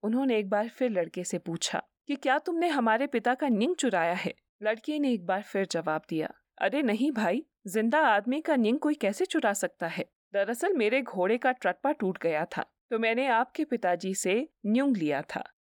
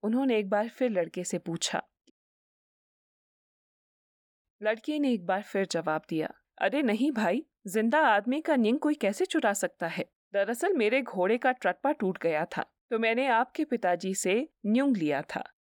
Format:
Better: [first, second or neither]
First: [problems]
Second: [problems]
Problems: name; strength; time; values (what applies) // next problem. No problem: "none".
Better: first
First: none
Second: audio cutting out; at 2 s for 2.5 s